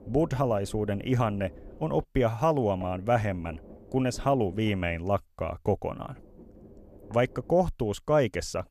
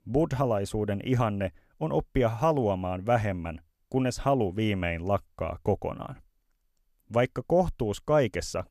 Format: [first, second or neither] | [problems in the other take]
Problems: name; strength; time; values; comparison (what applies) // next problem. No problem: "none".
second | low rumble; faint; until 2 s, from 3 to 5 s and from 6 to 7.5 s; 25 dB below the speech